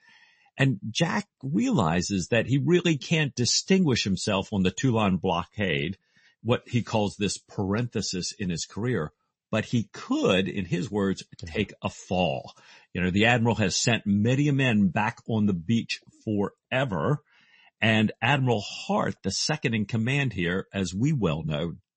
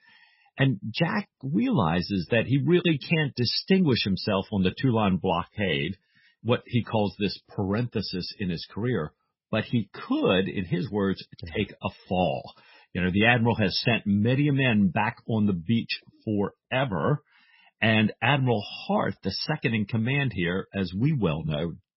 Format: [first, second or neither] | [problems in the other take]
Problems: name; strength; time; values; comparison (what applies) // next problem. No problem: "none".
first | garbled, watery; badly; nothing above 5.5 kHz; slightly in the first